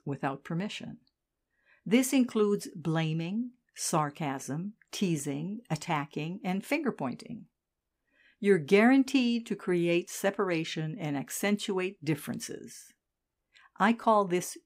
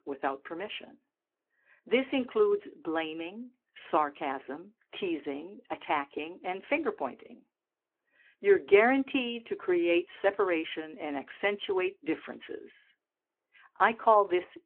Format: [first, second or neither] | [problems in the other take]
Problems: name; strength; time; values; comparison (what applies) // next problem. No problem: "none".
first | phone-call audio